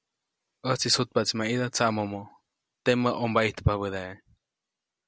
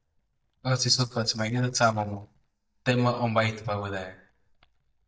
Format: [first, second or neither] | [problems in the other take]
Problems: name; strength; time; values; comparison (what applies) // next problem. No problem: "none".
first | noise reduction (neural mask model DeepFilterNet 3)